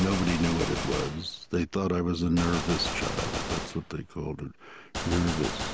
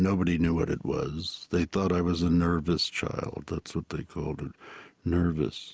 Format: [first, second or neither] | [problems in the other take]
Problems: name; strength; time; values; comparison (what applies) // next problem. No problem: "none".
second | background sound (Gunshot, gunfire); 5 dB below the speech